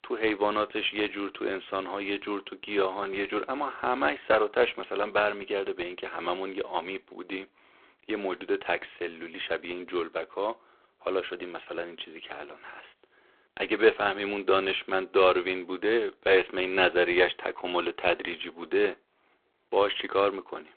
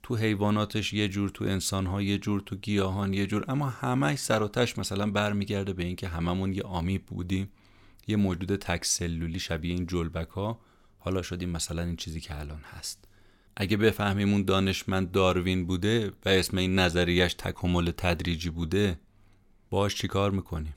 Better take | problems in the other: second | phone-call audio; poor line

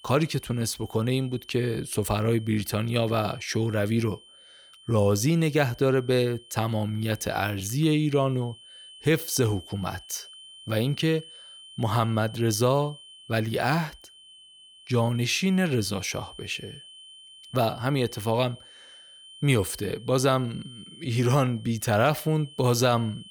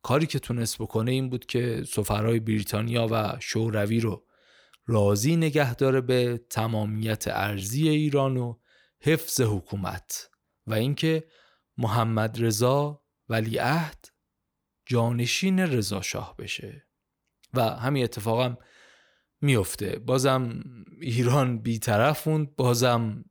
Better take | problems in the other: second | high-pitched whine; faint; throughout; 3 kHz, 20 dB below the speech

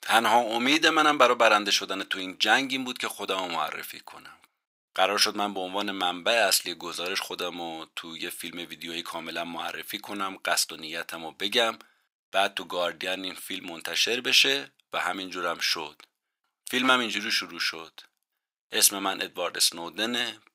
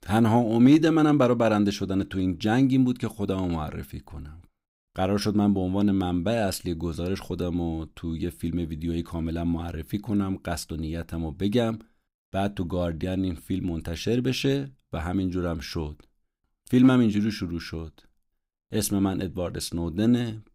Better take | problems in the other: second | thin; very; fading below 900 Hz

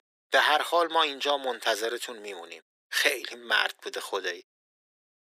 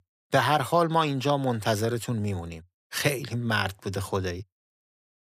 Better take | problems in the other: second | thin; very; fading below 350 Hz

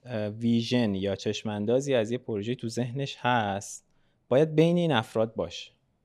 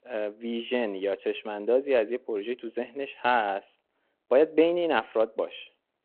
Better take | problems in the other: first | phone-call audio

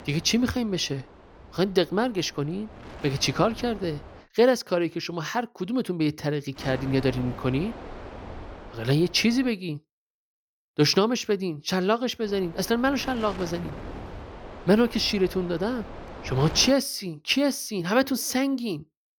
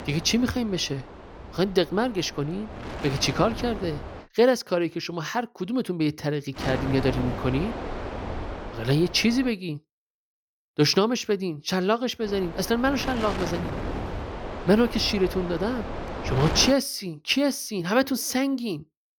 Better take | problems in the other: first | wind noise on the microphone; heavy; until 4 s, from 6.5 to 9.5 s and from 12 to 17 s; 9 dB below the speech; occasional gusts in the first

